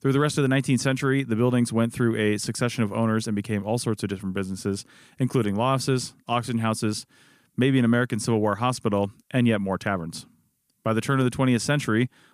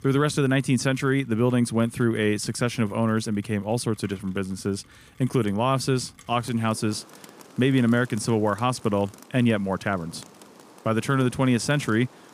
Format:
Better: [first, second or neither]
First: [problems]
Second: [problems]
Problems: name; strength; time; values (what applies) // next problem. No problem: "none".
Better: first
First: none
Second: rain or running water; faint; throughout; 25 dB below the speech